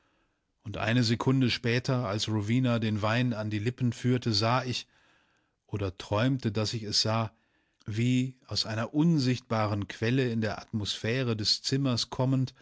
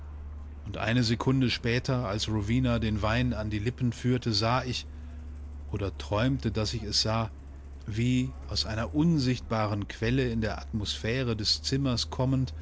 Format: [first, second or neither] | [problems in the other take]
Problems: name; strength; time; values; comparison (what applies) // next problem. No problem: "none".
first | background sound (Truck); 11 dB below the speech